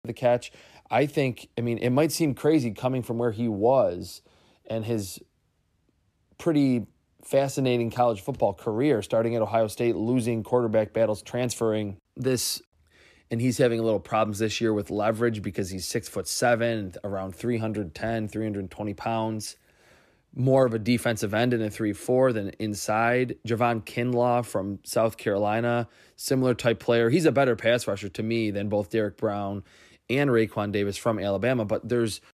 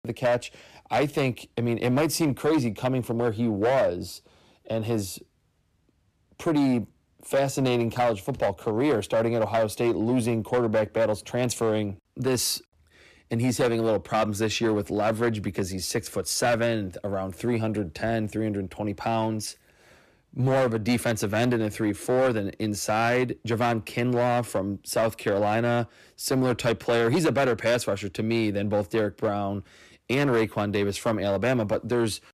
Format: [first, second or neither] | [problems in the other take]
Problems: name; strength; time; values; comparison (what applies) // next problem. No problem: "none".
first | distortion; slight; 8% of the sound clipped